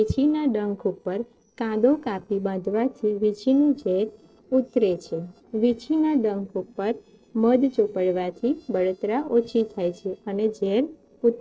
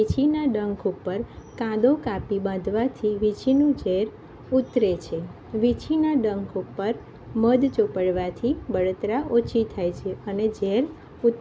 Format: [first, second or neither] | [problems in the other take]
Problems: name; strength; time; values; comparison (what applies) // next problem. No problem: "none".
second | noise reduction (neural separator model SepFormer DNS4)